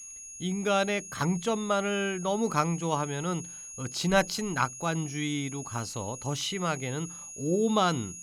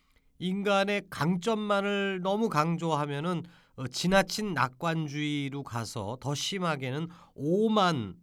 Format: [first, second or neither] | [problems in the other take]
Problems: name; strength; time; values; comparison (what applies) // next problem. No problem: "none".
second | high-pitched whine; noticeable; throughout; 6.5 kHz, 10 dB below the speech